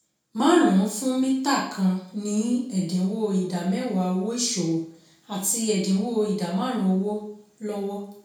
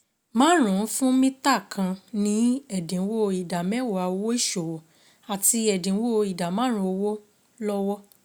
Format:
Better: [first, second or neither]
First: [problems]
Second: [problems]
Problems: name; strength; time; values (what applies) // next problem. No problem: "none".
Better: second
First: room echo; dies away in 0.5 s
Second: none